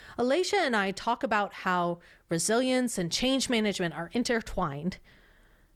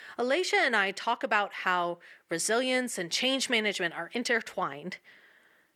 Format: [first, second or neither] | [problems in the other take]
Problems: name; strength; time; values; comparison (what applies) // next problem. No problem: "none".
first | thin; very slightly; fading below 300 Hz